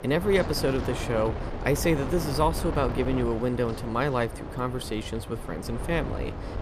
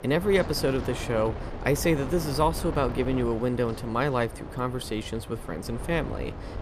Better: second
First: wind noise on the microphone; heavy; 9 dB below the speech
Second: wind noise on the microphone; occasional gusts; 10 dB below the speech

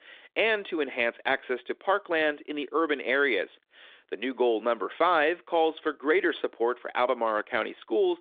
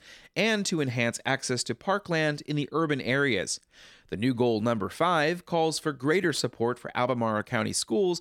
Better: second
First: phone-call audio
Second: none

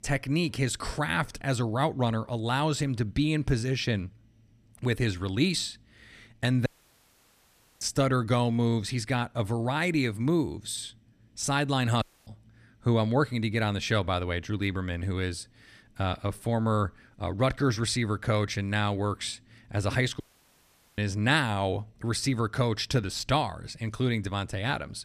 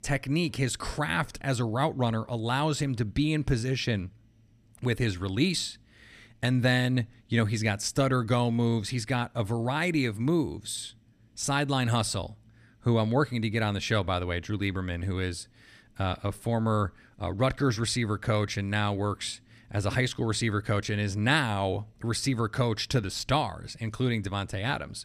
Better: second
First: audio cutting out; at 6.5 s for 1 s, at 12 s and at 20 s for 1 s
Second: none

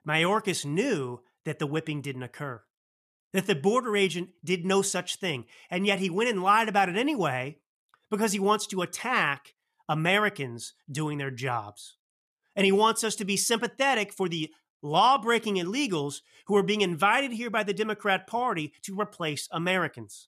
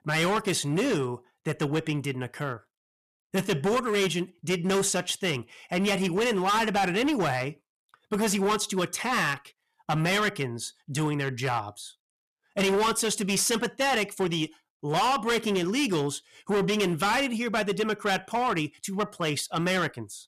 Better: first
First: none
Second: distortion; heavy; 14% of the sound clipped

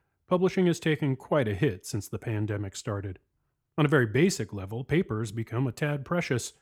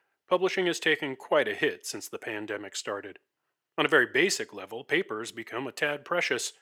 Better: first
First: none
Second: thin; very; fading below 500 Hz

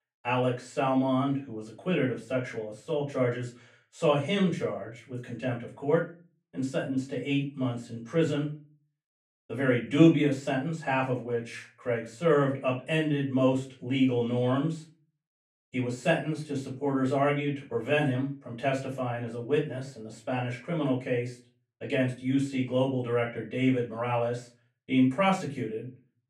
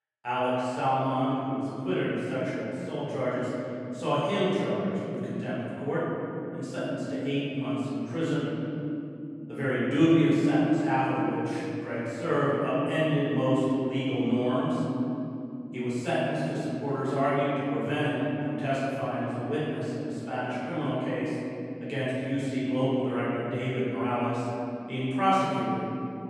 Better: first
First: room echo; slight; dies away in 0.3 s // off-mic speech; far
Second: room echo; strong; dies away in 3 s // off-mic speech; far

